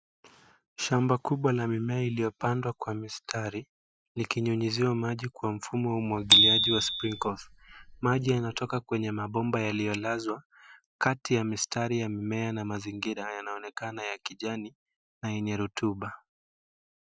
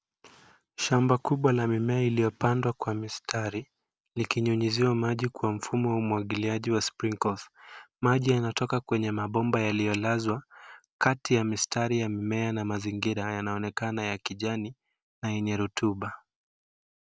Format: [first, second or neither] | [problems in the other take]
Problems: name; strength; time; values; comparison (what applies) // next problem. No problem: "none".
second | noise reduction (classical method Wiener filter)